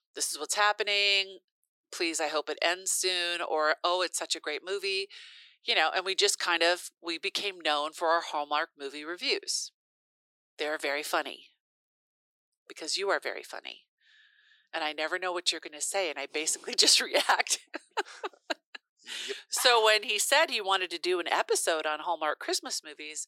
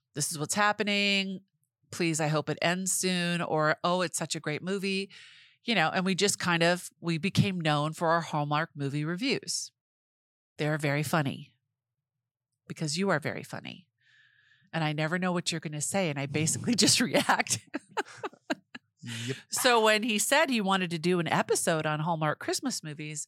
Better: second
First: thin; very; fading below 350 Hz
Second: none

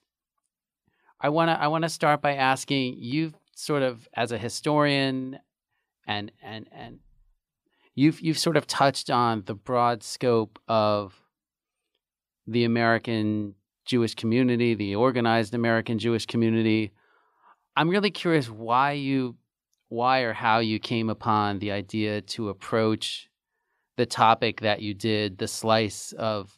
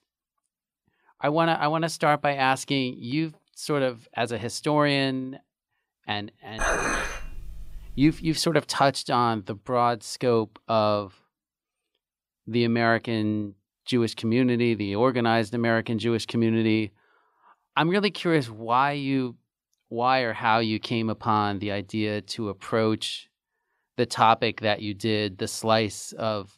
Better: first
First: none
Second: clattering dishes; loud; from 6.5 to 8.5 s; peak level with the speech

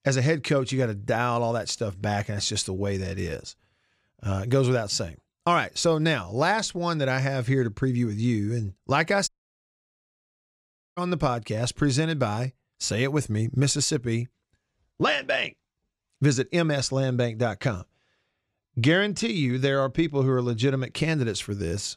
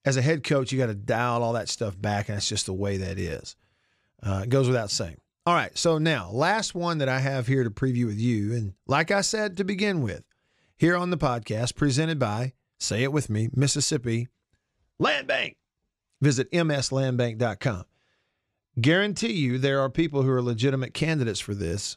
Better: second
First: audio cutting out; at 9.5 s for 1.5 s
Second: none

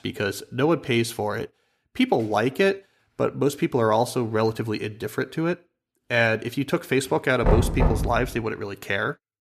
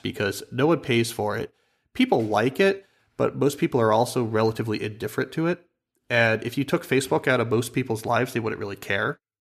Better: second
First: door banging; loud; at 7.5 s; peak 3 dB above the speech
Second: none

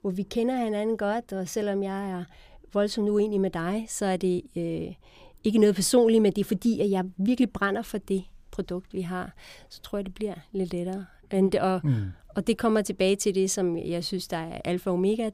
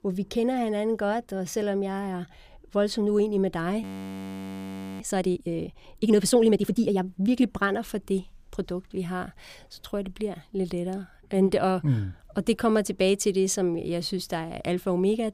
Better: first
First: none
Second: audio freezing; at 4 s for 1 s

